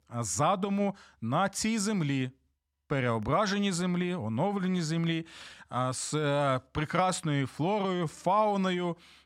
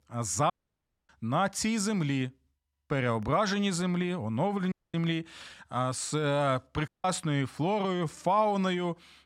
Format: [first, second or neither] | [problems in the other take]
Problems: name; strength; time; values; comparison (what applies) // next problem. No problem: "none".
first | audio cutting out; at 0.5 s for 0.5 s, at 4.5 s and at 7 s